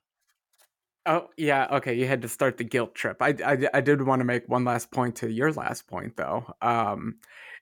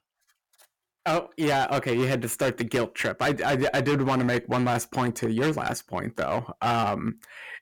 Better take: first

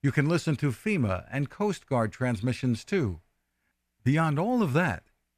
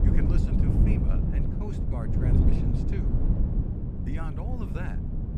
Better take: first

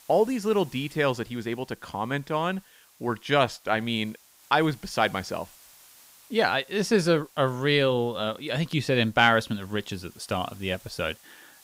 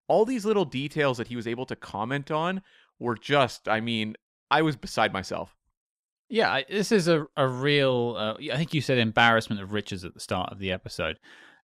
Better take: second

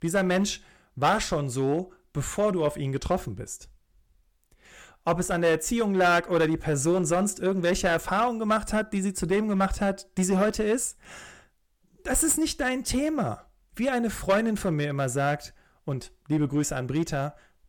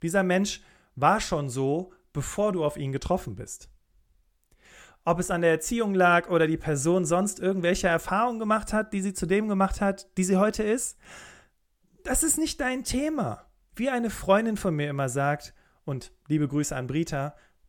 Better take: second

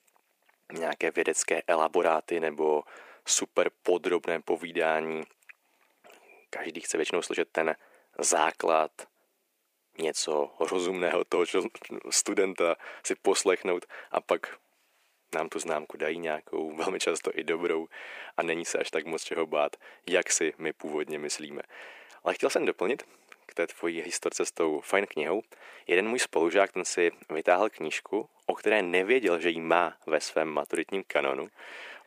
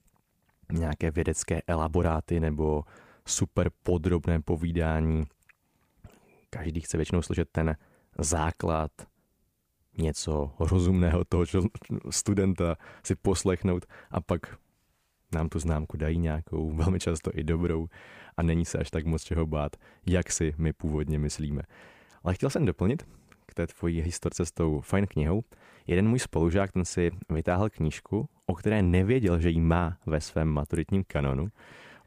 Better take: second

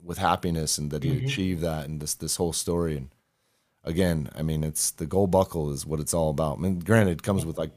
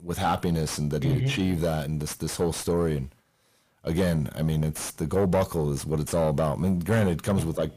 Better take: first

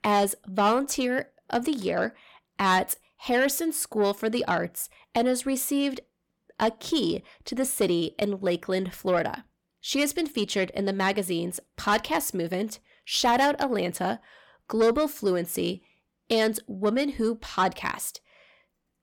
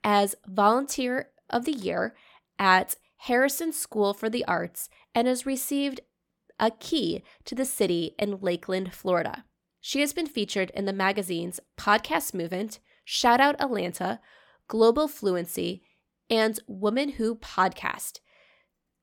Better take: second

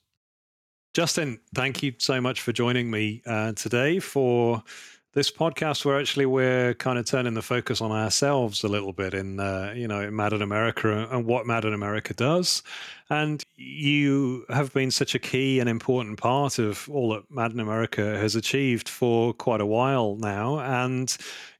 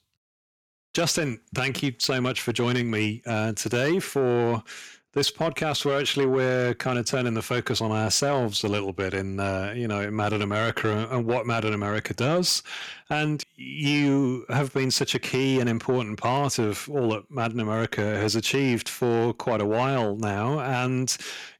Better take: first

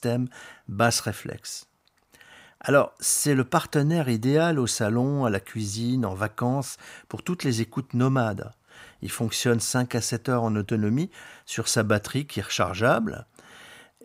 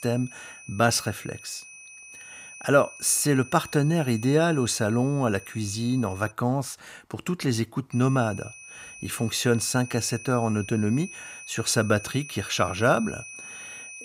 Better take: first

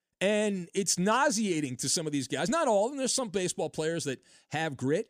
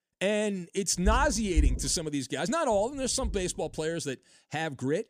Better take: first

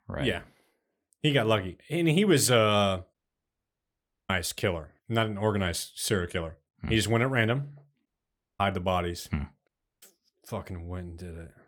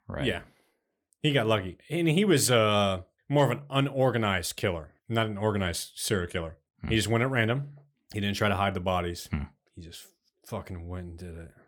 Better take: second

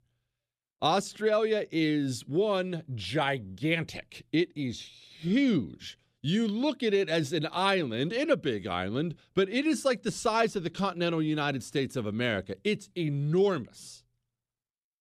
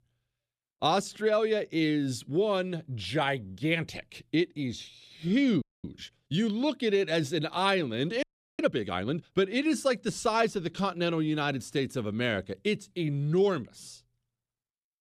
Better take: first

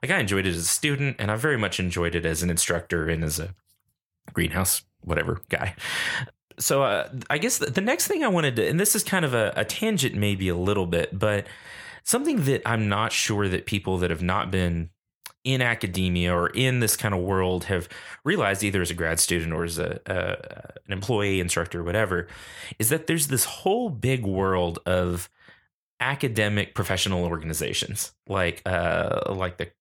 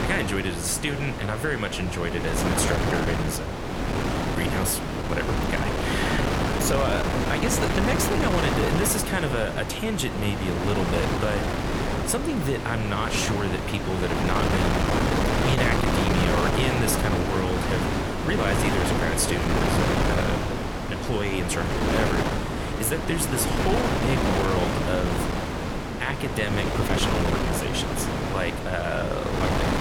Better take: first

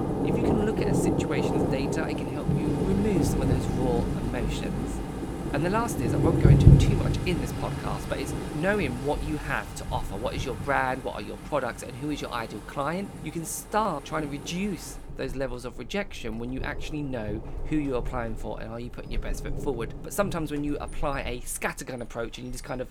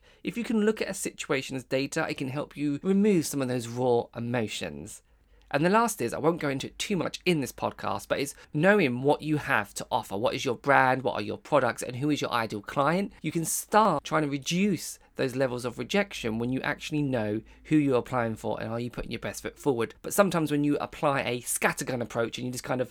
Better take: second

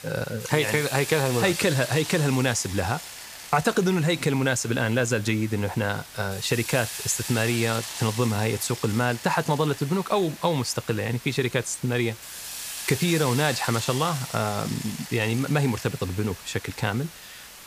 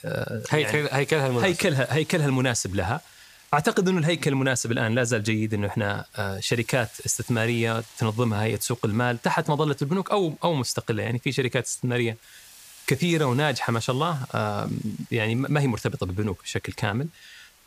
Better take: second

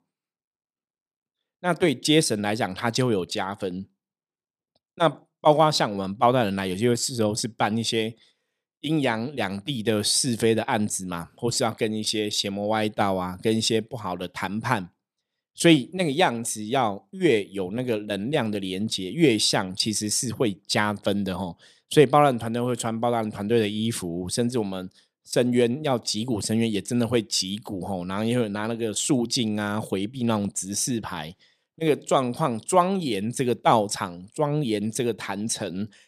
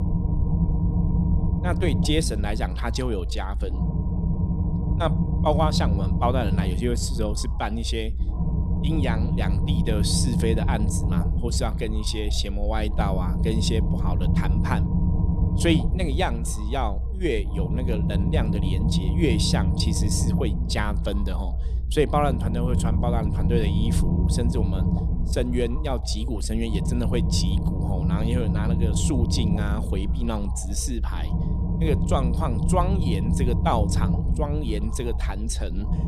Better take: first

